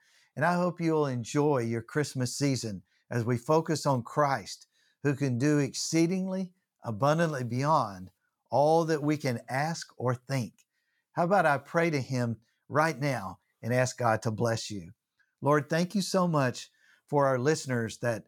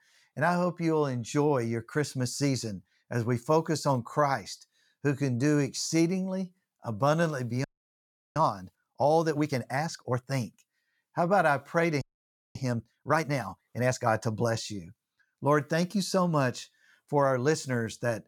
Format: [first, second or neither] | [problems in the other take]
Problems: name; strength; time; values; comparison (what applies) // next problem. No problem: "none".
first | audio freezing; at 7.5 s for 0.5 s and at 12 s for 0.5 s